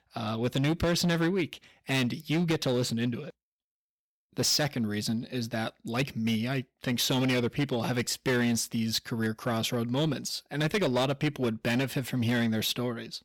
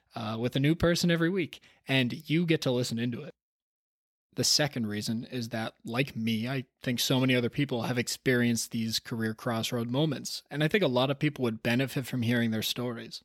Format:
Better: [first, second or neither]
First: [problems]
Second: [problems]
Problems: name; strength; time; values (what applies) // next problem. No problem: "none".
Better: second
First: distortion; slight; 9% of the sound clipped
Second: none